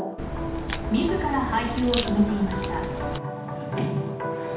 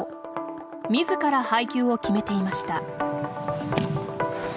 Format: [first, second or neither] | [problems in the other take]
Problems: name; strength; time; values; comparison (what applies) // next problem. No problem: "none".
second | background sound (Crack); 4 dB below the speech // room echo; dies away in 0.8 s